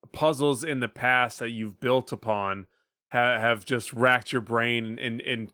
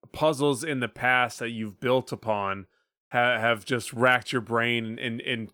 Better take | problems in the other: second | garbled, watery; slightly; nothing above 19 kHz

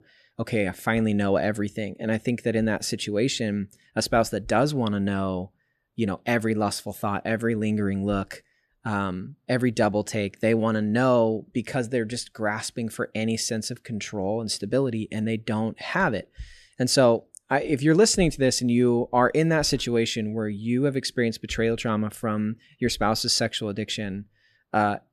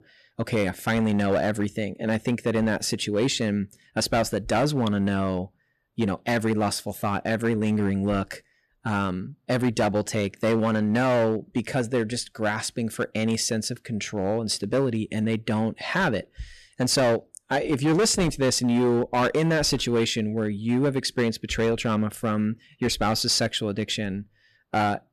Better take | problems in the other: first | distortion; slight; 8% of the sound clipped

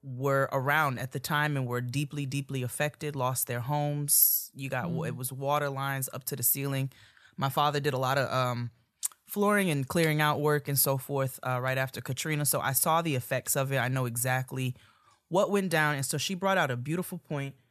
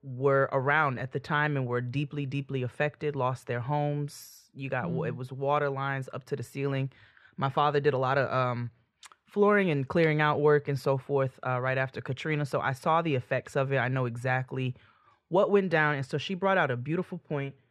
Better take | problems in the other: first | muffled; very; fading above 2.5 kHz

